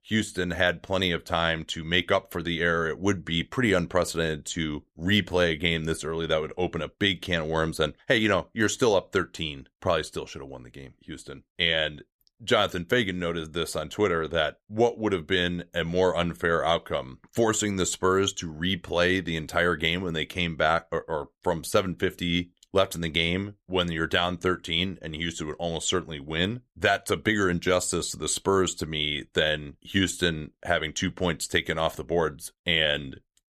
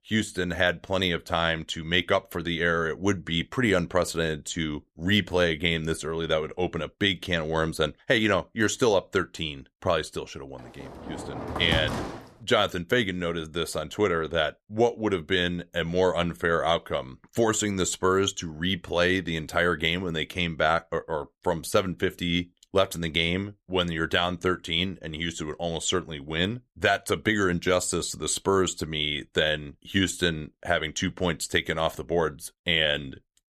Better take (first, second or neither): first